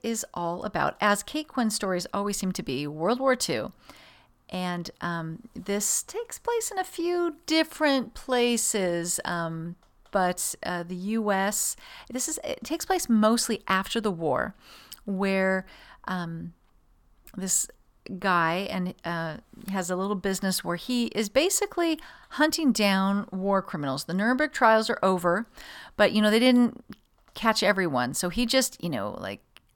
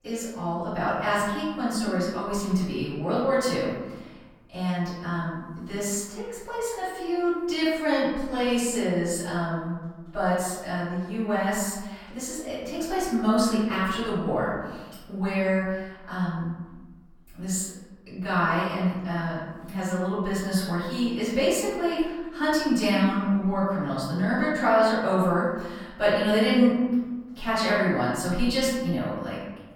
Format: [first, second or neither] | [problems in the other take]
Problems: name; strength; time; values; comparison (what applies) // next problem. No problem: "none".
first | room echo; strong; dies away in 1.3 s // off-mic speech; far